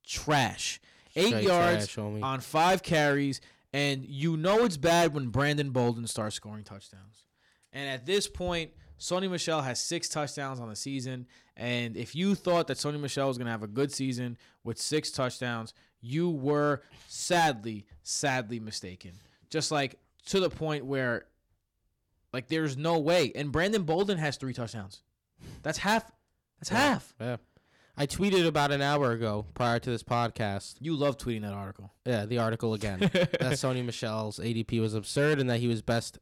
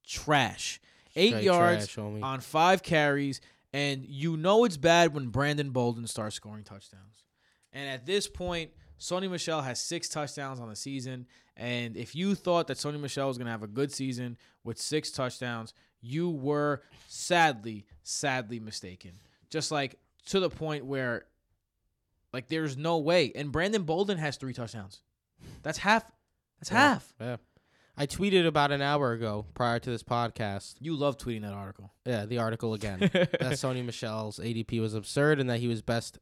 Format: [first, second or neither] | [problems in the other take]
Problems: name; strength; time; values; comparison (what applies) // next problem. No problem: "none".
second | distortion; slight; 3% of the sound clipped